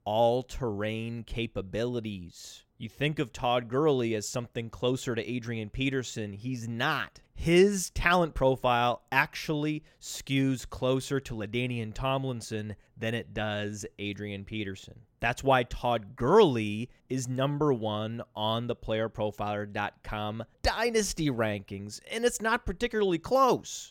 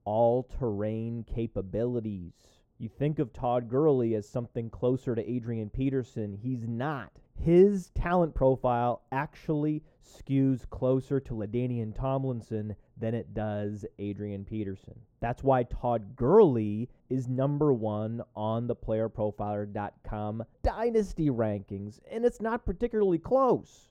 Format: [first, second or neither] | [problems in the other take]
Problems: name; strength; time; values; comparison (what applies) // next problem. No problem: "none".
first | muffled; very; fading above 1.5 kHz